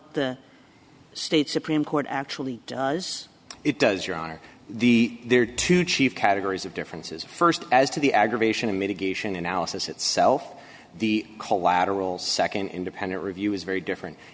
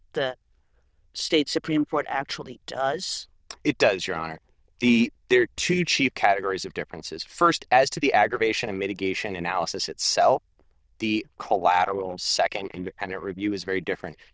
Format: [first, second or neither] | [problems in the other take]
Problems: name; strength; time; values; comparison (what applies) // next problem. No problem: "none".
first | noise reduction (neural diffusion model UNIVERSE++)